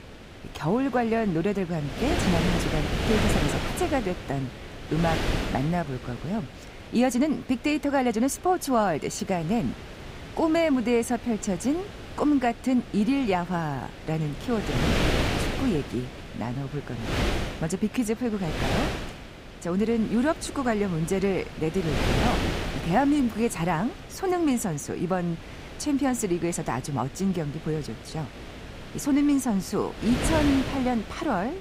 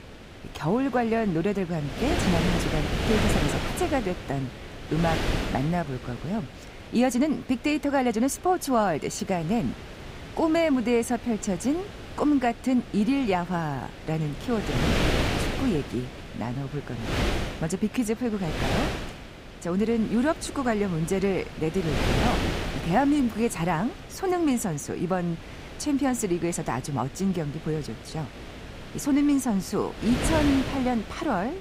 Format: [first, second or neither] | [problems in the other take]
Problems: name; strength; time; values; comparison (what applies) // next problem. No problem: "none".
neither | wind noise on the microphone; heavy; 5 dB below the speech; the same in both